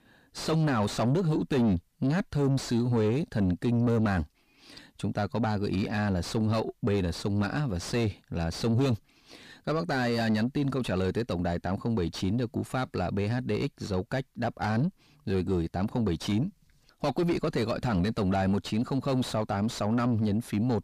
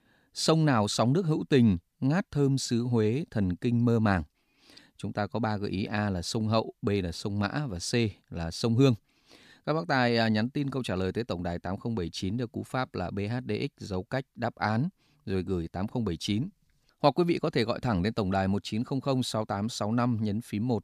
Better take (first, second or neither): second